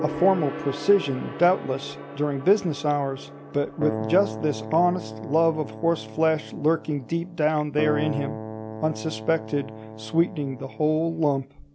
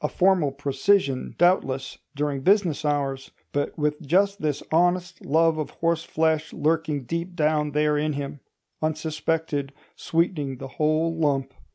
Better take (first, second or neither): second